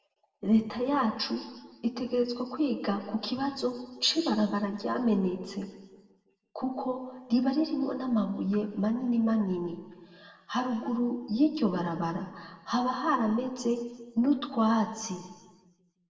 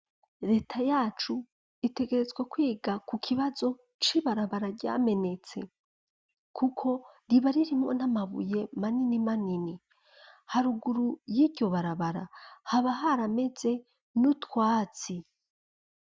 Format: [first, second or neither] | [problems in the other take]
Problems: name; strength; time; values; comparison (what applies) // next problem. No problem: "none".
second | background sound (Wind instrument, woodwind instrument); 19 dB below the speech // room echo; dies away in 1.2 s